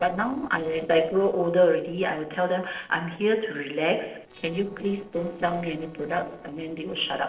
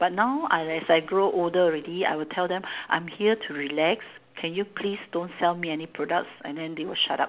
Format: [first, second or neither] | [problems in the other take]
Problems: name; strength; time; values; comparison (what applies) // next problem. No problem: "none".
second | noise reduction (neural separator model SepFormer DNS4)